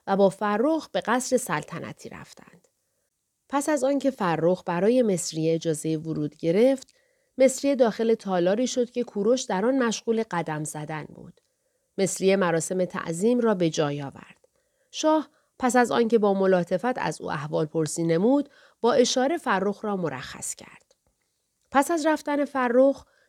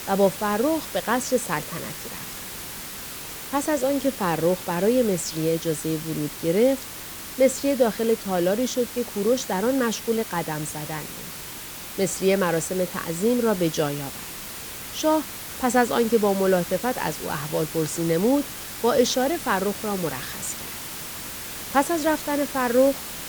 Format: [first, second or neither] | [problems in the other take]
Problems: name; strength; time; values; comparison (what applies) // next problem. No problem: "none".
first | hiss; loud; throughout; 9 dB below the speech